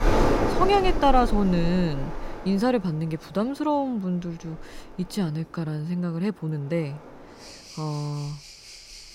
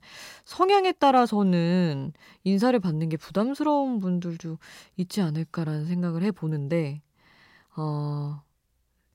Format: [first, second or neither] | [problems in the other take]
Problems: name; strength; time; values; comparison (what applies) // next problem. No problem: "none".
second | rain or running water; loud; throughout; 4 dB below the speech